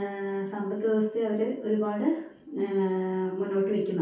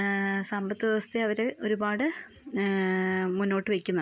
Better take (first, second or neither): second